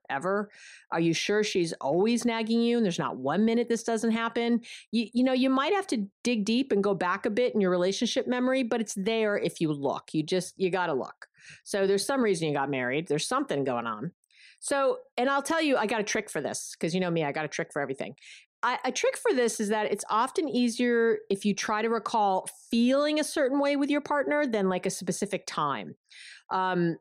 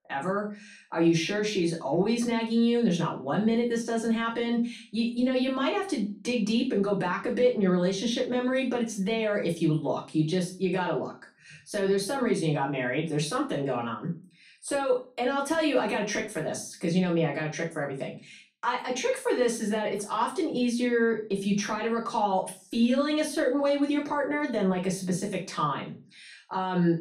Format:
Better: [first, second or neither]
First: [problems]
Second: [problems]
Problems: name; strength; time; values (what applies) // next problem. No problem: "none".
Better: first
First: none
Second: off-mic speech; far // room echo; slight; dies away in 0.3 s